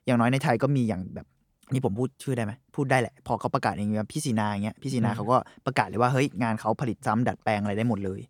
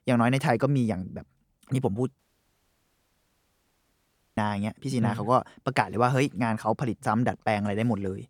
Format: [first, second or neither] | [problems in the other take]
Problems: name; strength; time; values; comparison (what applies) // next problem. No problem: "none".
first | audio cutting out; at 2 s for 2 s